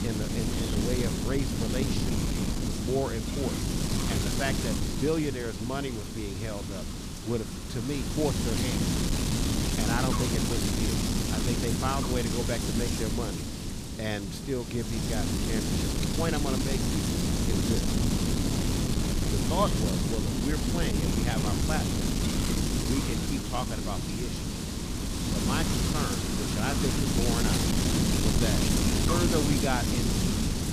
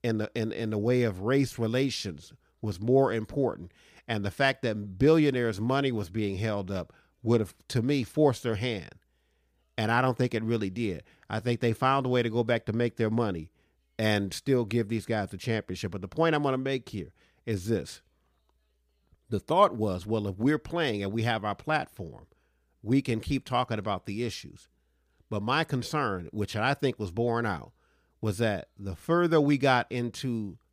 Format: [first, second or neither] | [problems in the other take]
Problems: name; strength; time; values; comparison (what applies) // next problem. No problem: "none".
second | wind noise on the microphone; heavy; 2 dB above the speech